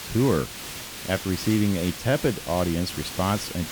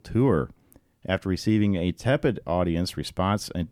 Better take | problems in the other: second | hiss; loud; throughout; 8 dB below the speech

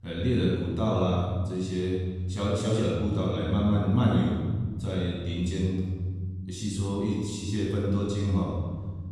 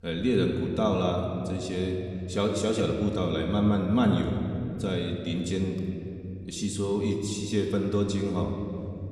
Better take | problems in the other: second | room echo; strong; dies away in 2.2 s; slight in the second // off-mic speech; far; somewhat distant in the second

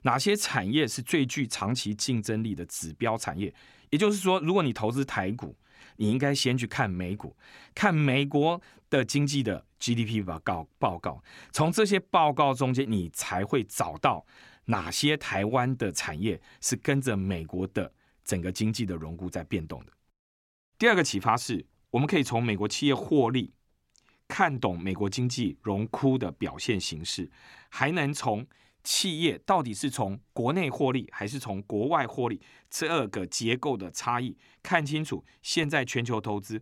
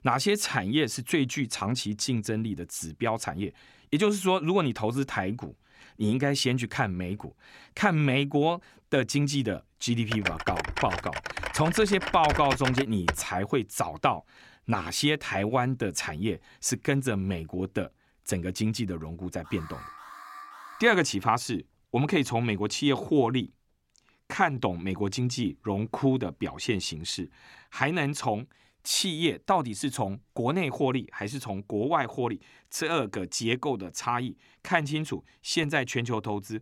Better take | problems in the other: first | keyboard typing; noticeable; from 10 to 13 s; peak 1 dB below the speech // alarm; faint; from 19 to 21 s; peak 15 dB below the speech

